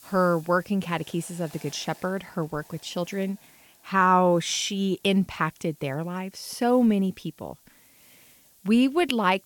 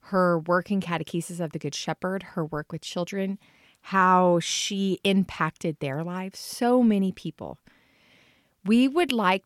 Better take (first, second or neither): second